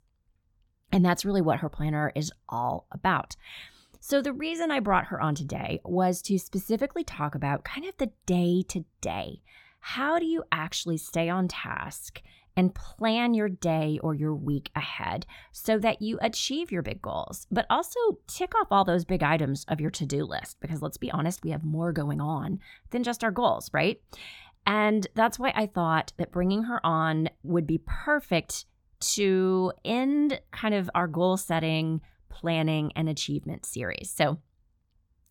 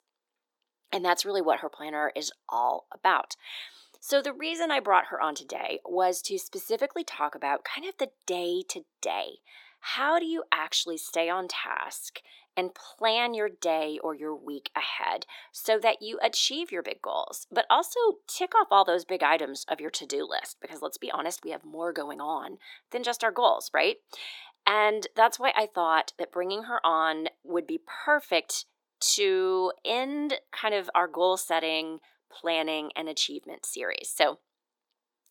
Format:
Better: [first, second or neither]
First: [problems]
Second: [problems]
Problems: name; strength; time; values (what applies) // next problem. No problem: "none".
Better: first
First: none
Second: thin; very; fading below 350 Hz